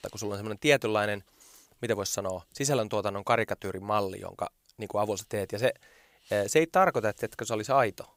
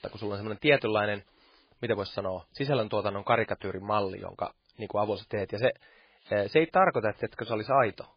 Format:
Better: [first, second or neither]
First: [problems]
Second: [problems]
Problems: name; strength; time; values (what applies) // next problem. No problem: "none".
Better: first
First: none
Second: garbled, watery; badly; nothing above 5 kHz